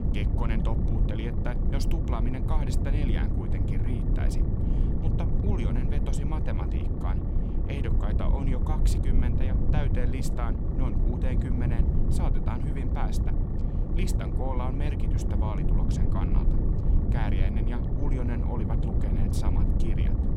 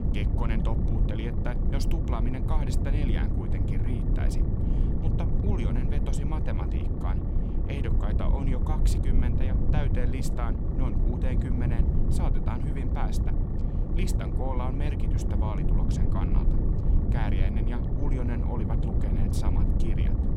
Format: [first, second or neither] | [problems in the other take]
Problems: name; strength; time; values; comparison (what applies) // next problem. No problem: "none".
neither | low rumble; loud; throughout; as loud as the speech; the same in both